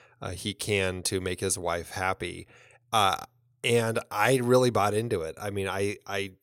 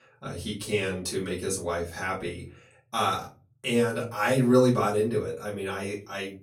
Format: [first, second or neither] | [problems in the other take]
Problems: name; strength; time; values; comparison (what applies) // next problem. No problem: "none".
first | off-mic speech; far // room echo; slight; dies away in 0.3 s